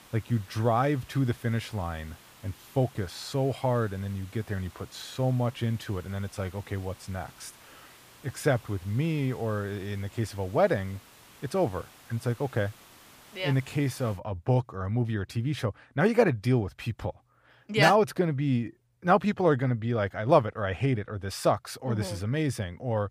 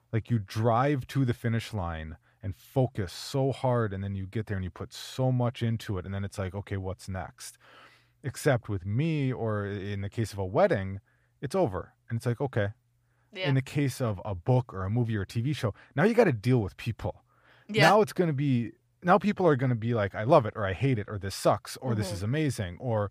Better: second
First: hiss; faint; until 14 s; 25 dB below the speech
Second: none

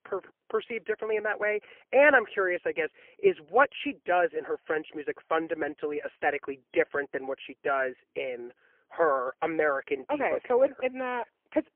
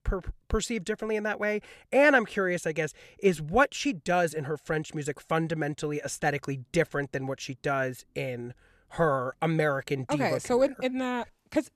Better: second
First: phone-call audio; poor line; nothing above 3 kHz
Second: none

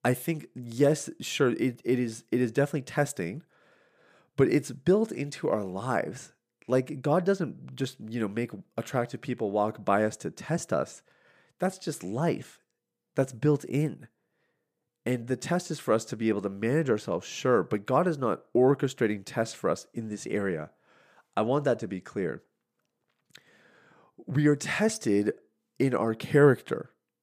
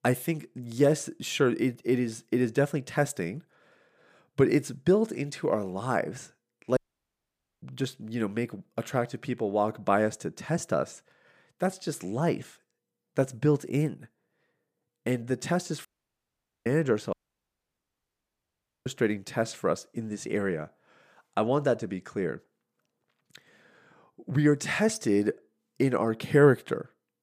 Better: first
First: none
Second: audio cutting out; at 7 s for 1 s, at 16 s for 1 s and at 17 s for 1.5 s

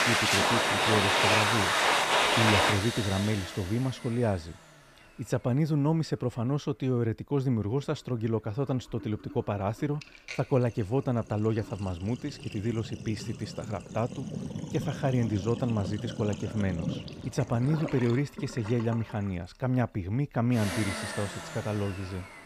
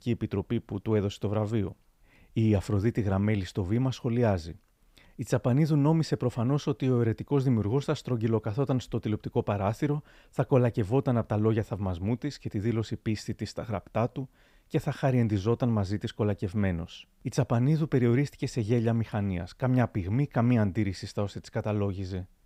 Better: second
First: household noises; very loud; throughout; 2 dB above the speech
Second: none

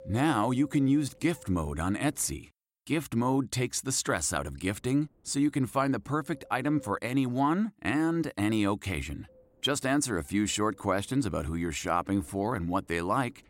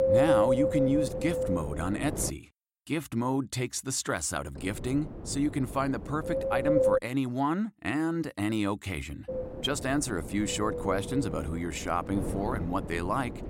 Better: first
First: wind noise on the microphone; occasional gusts; until 2.5 s, from 4.5 to 7 s and from 9.5 s on; 25 dB below the speech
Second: wind noise on the microphone; heavy; until 2.5 s, from 4.5 to 7 s and from 9.5 s on; 2 dB above the speech

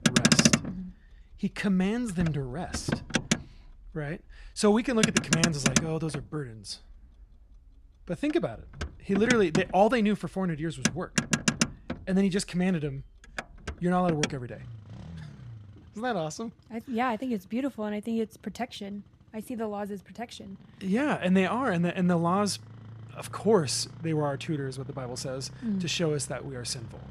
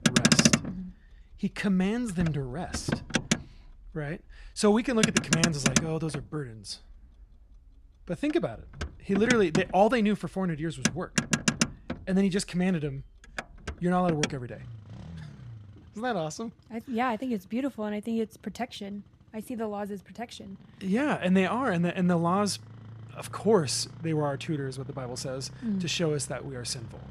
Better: neither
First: traffic noise; very loud; throughout; as loud as the speech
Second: traffic noise; very loud; throughout; as loud as the speech

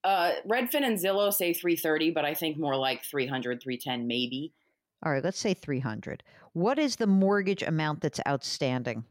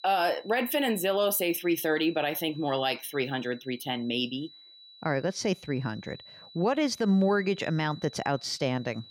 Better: first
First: none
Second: high-pitched whine; faint; throughout; 4 kHz, 20 dB below the speech

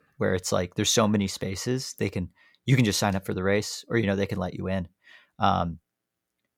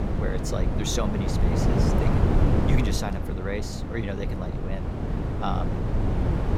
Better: first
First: none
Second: wind noise on the microphone; heavy; 1 dB above the speech

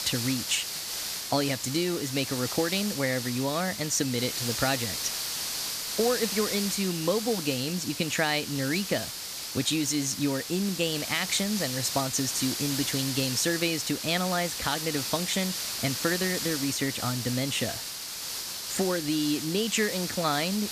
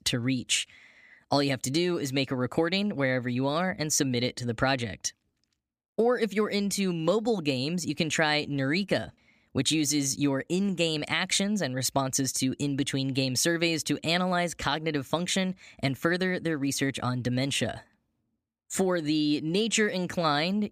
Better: second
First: hiss; loud; throughout; 3 dB below the speech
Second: none

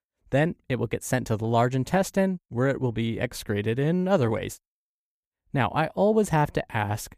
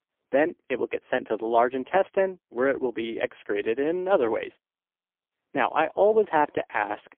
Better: first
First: none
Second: phone-call audio; poor line; nothing above 3.5 kHz

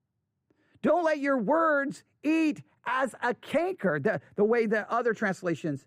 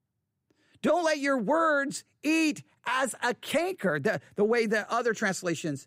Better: second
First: muffled; slightly; fading above 2.5 kHz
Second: none

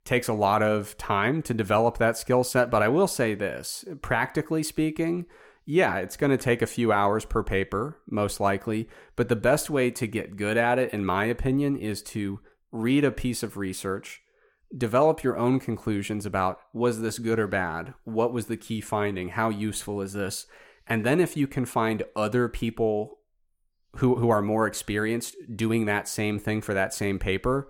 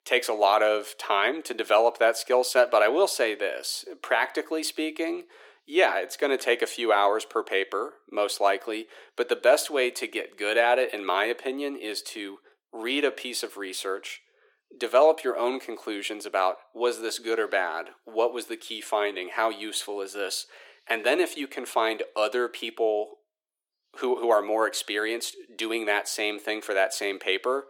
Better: first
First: none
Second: thin; very; fading below 350 Hz

